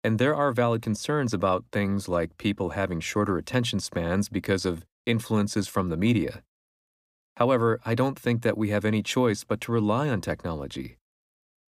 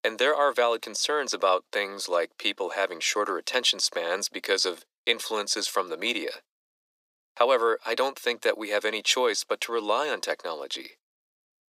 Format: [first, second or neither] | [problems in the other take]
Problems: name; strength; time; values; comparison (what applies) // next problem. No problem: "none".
first | thin; very; fading below 400 Hz